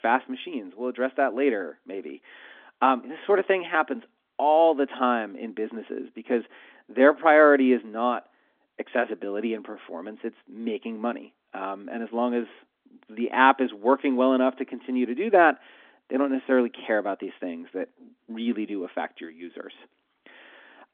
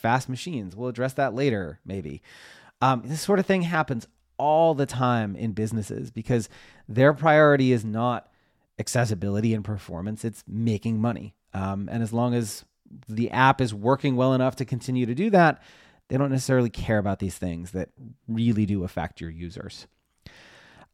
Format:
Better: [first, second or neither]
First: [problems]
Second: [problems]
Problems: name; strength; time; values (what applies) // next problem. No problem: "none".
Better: second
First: phone-call audio; nothing above 3.5 kHz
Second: none